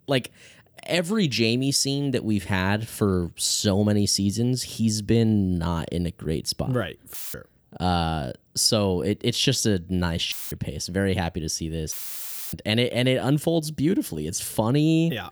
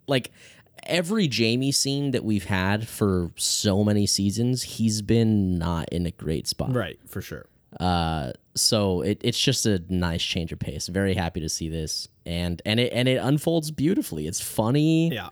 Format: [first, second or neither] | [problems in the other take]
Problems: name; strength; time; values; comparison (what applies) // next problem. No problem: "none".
second | audio cutting out; filled with static; at 7 s, at 10 s and at 12 s for 0.5 s